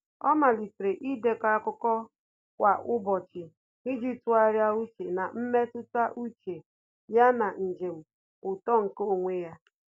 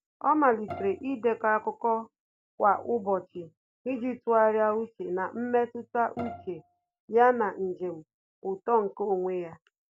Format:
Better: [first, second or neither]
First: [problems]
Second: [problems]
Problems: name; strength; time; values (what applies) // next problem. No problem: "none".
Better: first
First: none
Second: background sound (Bowed string instrument); 15 dB below the speech